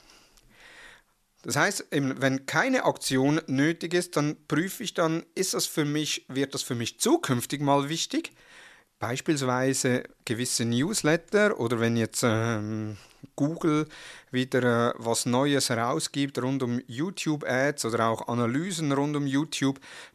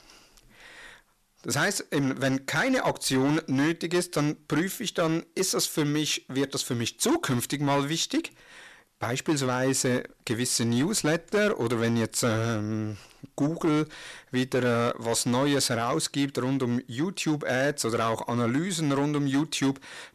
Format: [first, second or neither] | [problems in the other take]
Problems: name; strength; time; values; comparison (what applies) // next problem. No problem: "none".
first | distortion; slight; 7% of the sound clipped